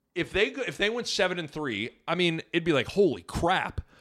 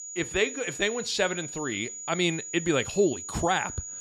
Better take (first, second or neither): first